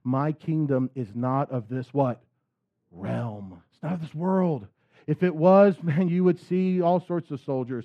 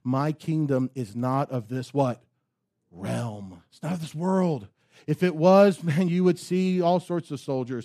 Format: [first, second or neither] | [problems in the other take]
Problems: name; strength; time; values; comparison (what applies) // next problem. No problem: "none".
second | muffled; slightly; fading above 4 kHz